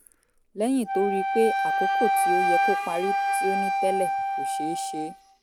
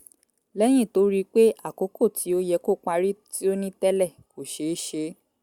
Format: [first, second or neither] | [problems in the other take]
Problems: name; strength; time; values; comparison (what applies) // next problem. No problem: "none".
second | background sound (Wind instrument, woodwind instrument); 3 dB above the speech